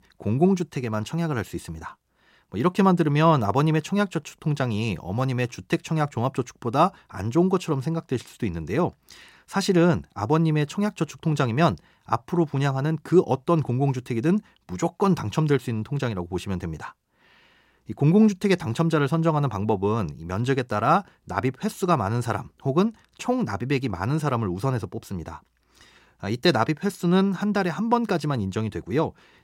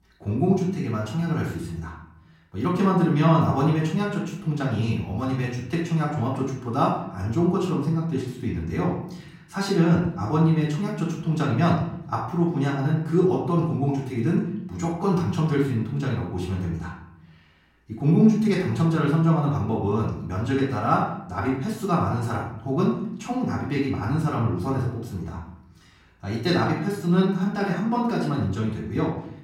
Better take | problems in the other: first | off-mic speech; far // room echo; noticeable; dies away in 0.7 s

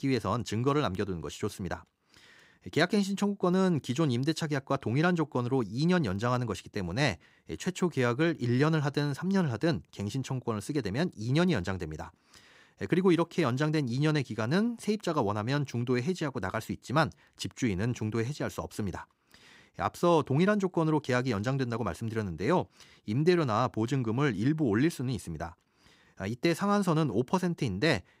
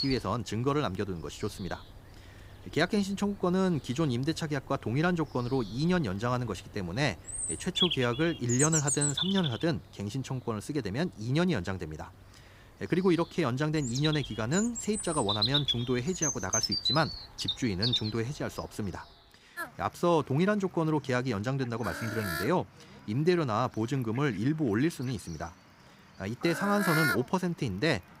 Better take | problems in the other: first | animal sounds; loud; throughout; 1 dB below the speech

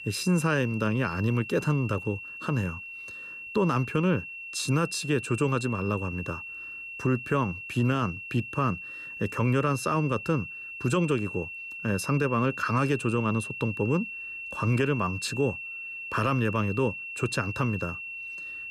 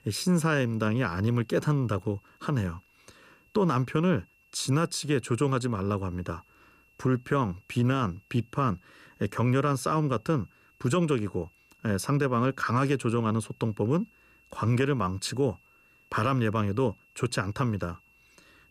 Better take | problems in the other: second | high-pitched whine; loud; throughout; 2.5 kHz, 8 dB below the speech; faint in the second

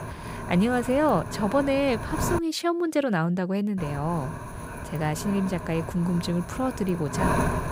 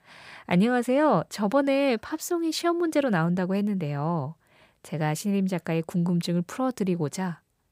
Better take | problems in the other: second | wind noise on the microphone; heavy; until 2.5 s and from 4 s on; 6 dB below the speech

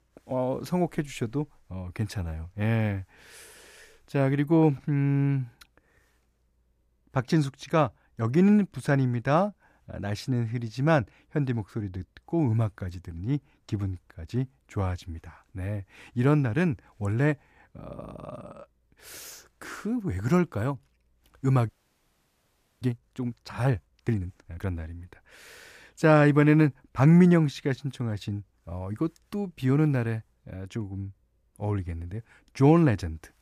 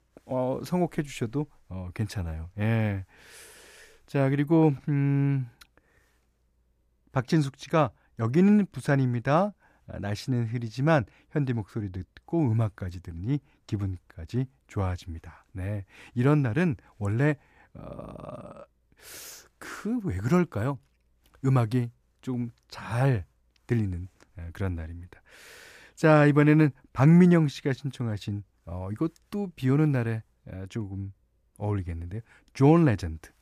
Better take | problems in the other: second | audio freezing; at 22 s for 1 s

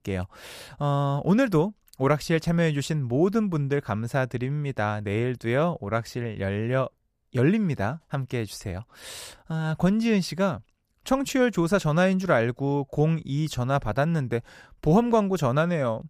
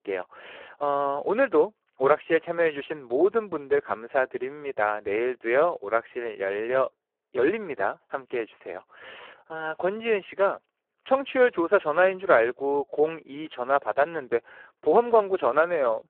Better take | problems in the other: first | phone-call audio; poor line

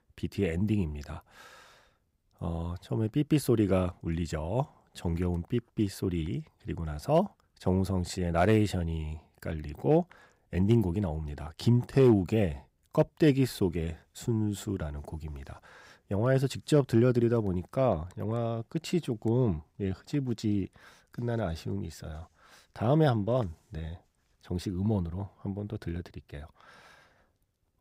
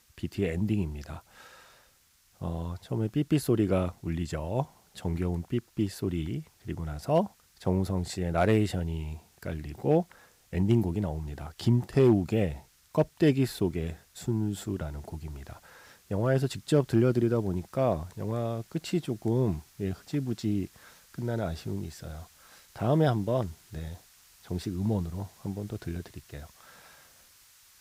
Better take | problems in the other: first | hiss; faint; throughout; 30 dB below the speech

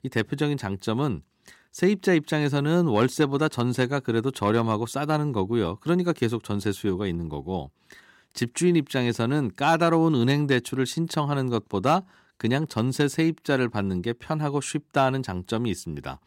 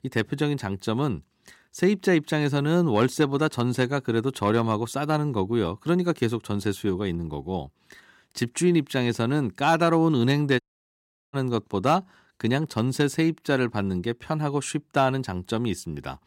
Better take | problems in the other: first | audio cutting out; at 11 s for 0.5 s

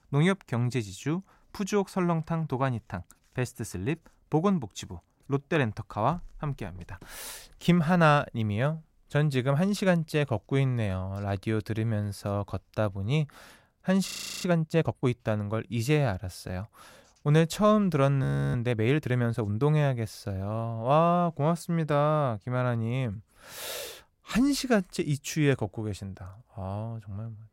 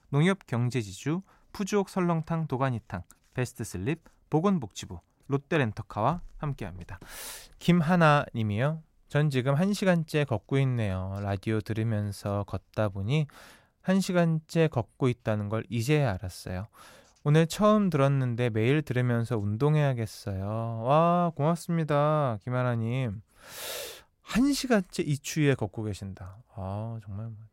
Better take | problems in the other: second | audio freezing; at 14 s and at 18 s

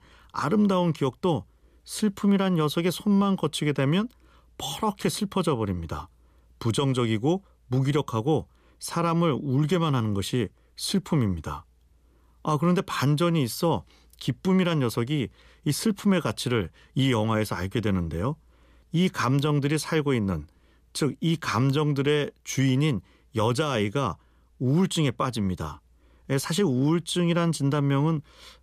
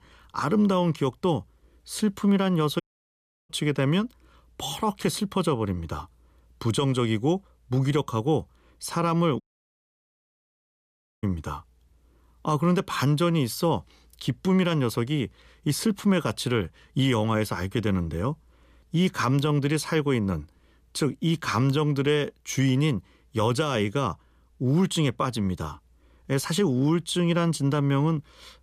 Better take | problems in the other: first | audio cutting out; at 3 s for 0.5 s and at 9.5 s for 2 s

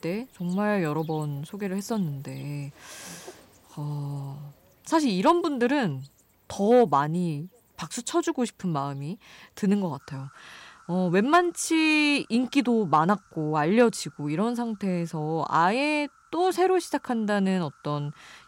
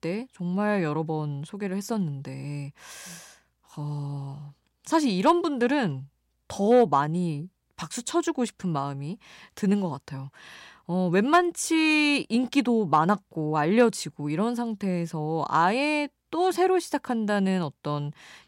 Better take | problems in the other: second | animal sounds; faint; throughout; 30 dB below the speech

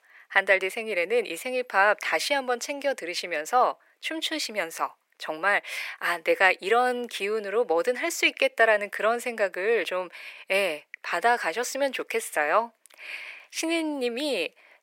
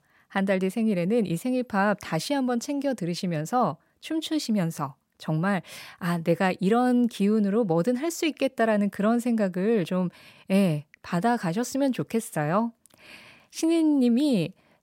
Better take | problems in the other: second | thin; very; fading below 400 Hz

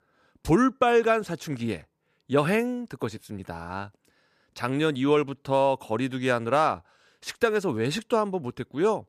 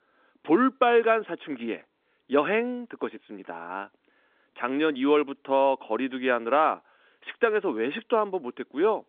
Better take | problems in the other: first | phone-call audio; nothing above 3.5 kHz

